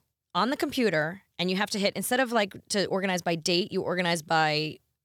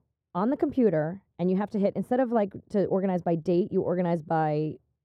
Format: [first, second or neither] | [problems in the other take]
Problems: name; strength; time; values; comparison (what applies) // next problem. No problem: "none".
first | muffled; very; fading above 1.5 kHz